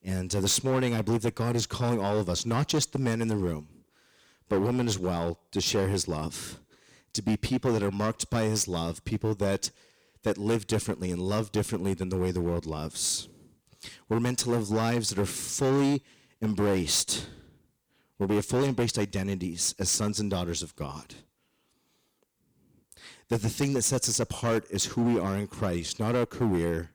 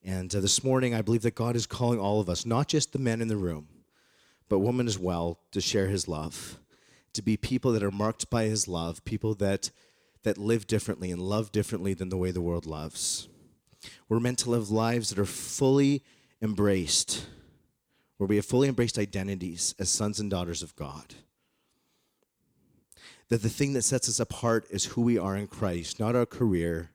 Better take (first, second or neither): second